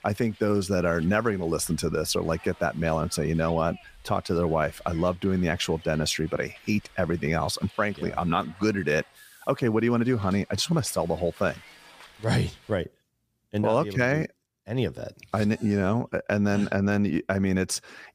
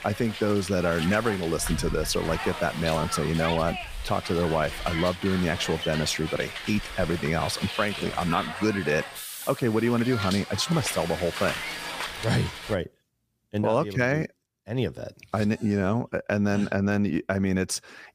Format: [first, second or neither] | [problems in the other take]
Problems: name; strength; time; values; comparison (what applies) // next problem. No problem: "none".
first | hiss; loud; until 13 s; 7 dB below the speech; faint in the first